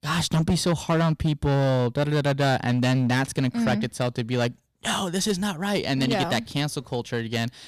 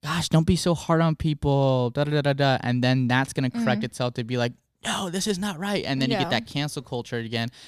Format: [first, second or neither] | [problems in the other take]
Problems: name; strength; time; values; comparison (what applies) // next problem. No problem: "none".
second | distortion; slight; 9% of the sound clipped